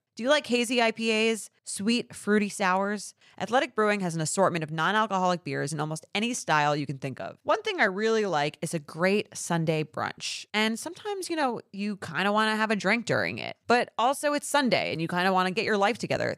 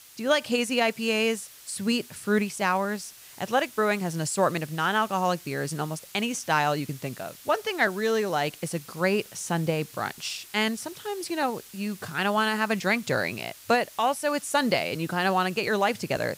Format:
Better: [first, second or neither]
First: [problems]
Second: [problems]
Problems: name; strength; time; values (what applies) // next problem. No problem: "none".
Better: first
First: none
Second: hiss; noticeable; throughout; 20 dB below the speech